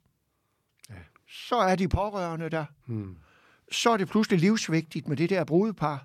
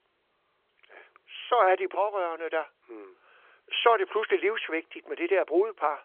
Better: first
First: none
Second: phone-call audio; nothing above 3.5 kHz

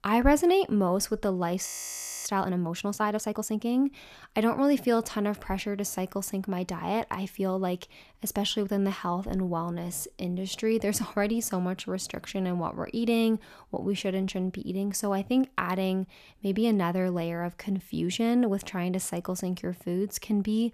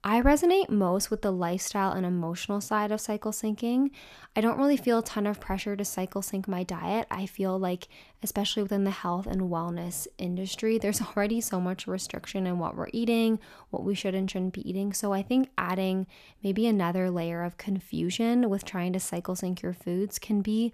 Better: second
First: audio freezing; at 1.5 s for 0.5 s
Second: none

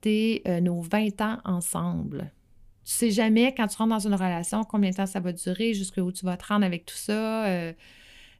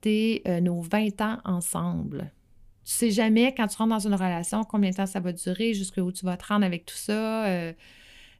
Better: neither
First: none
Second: none

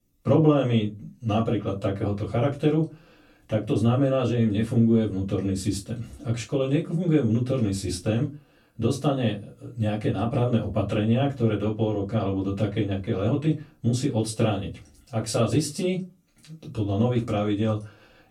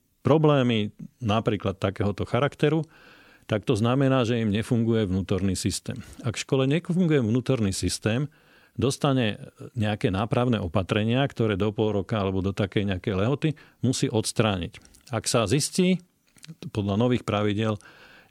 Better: second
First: off-mic speech; far // room echo; very slight; dies away in 0.2 s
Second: none

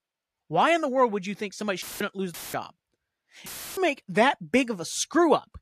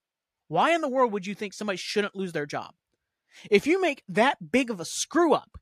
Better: second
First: audio cutting out; filled with static; at 2 s, at 2.5 s and at 3.5 s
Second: none

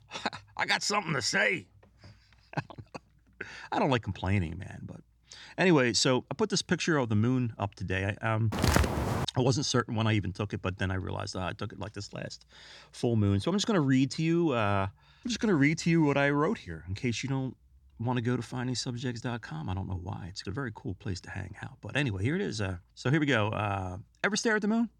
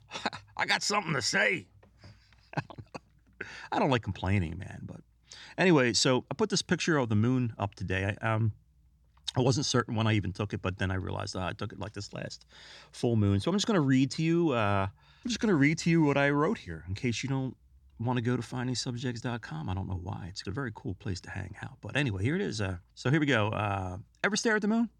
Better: second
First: footsteps; loud; at 8.5 s; peak 4 dB above the speech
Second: none

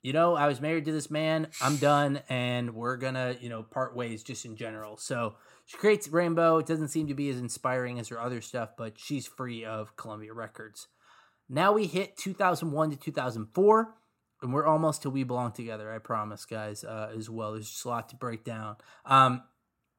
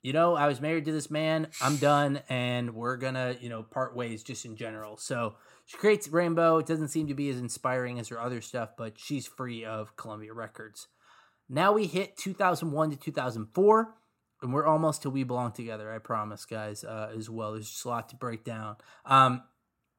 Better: neither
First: none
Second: none

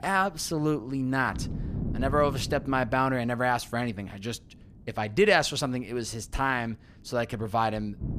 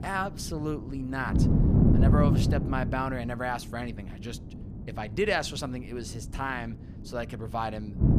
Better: first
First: wind noise on the microphone; occasional gusts; 15 dB below the speech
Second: wind noise on the microphone; heavy; 1 dB below the speech

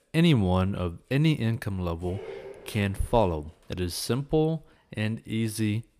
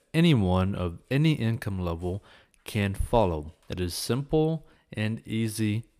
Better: second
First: dog barking; faint; from 2 to 3 s; peak 15 dB below the speech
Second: none

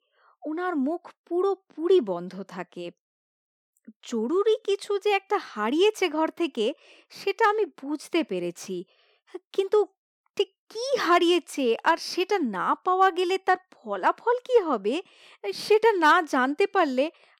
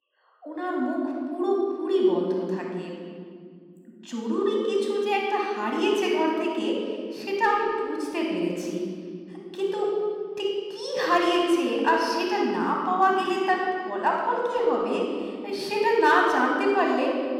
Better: first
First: none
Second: off-mic speech; somewhat distant // room echo; noticeable; dies away in 2.4 s

